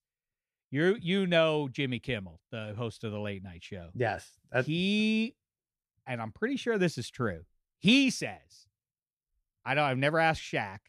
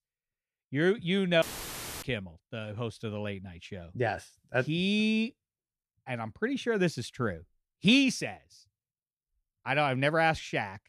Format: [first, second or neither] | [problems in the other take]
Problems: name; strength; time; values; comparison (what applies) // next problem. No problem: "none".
first | audio cutting out; filled with static; at 1.5 s for 0.5 s